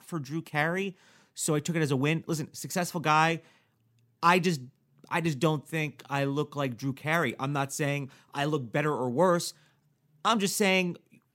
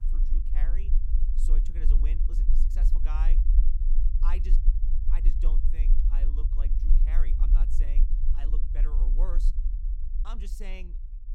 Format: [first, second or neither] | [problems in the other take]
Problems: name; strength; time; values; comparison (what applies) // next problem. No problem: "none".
first | low rumble; loud; throughout; 4 dB below the speech